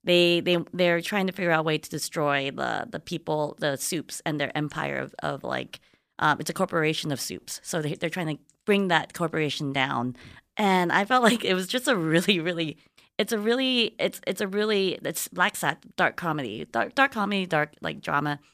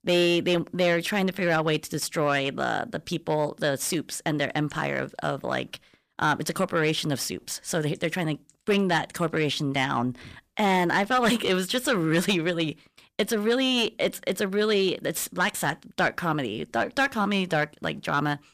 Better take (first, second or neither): first